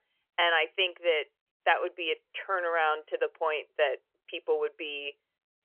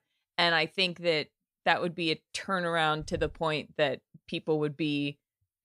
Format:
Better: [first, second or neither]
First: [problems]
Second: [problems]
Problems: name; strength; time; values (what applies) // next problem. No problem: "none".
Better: second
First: phone-call audio; nothing above 3 kHz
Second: none